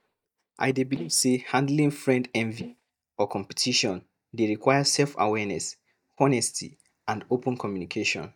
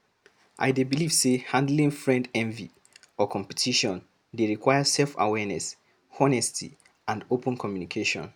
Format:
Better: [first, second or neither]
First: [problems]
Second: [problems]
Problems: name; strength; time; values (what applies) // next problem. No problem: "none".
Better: second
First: noise reduction (neural mask model DeepFilterNet 3)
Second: none